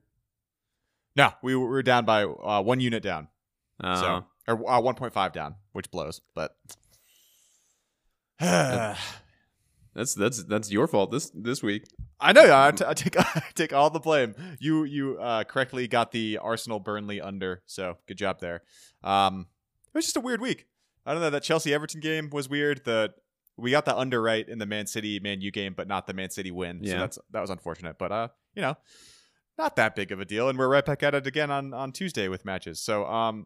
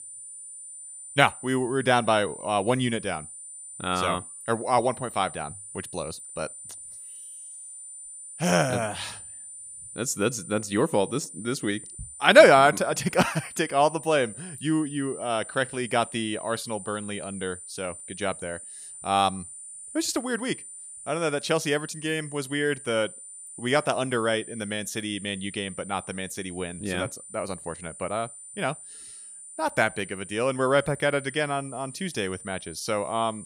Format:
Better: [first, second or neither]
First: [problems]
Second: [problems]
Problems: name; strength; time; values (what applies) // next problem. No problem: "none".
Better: first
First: none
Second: high-pitched whine; noticeable; throughout; 9 kHz, 15 dB below the speech